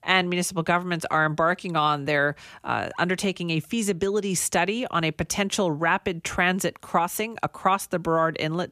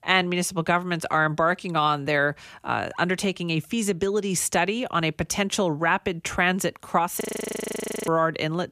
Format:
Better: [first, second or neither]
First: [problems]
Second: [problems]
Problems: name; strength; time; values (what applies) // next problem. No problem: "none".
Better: first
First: none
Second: audio freezing; at 7 s for 1 s